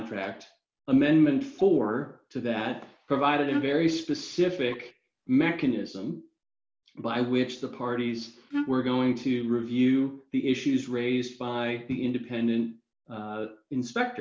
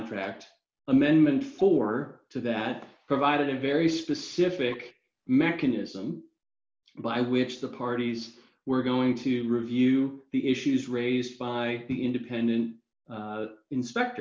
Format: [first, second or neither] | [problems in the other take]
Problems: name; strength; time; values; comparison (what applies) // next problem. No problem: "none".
second | background sound (Wind instrument, woodwind instrument); 5 dB below the speech